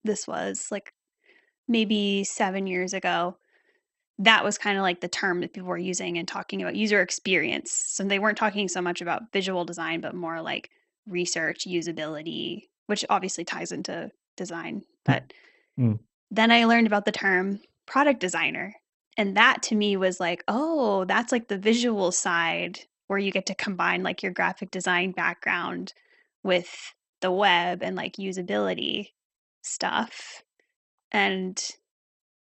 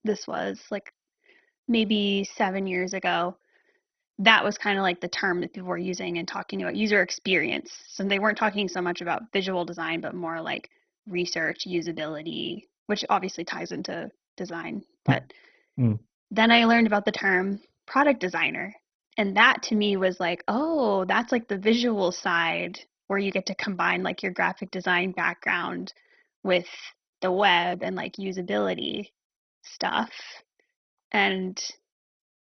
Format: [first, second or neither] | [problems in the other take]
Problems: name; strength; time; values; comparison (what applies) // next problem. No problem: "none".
first | garbled, watery; badly; nothing above 6 kHz; slightly in the first